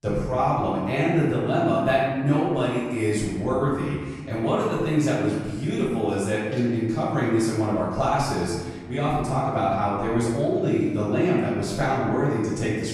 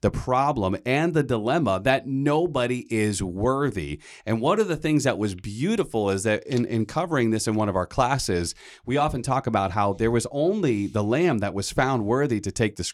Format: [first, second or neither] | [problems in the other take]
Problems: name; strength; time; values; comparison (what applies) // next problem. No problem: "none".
second | room echo; strong; dies away in 1.3 s // off-mic speech; far